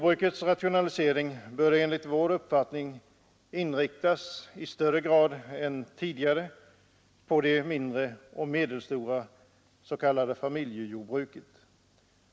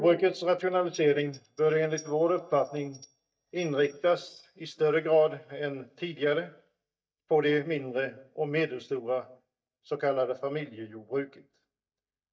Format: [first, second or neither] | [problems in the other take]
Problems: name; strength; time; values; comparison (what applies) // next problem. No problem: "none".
first | noise reduction (neural mask model DeepFilterNet 3)